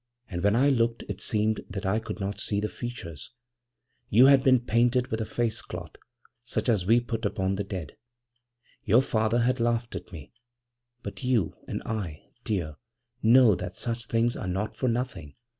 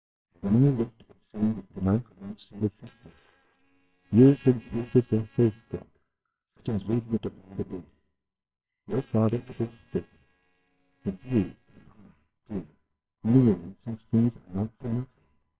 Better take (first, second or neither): first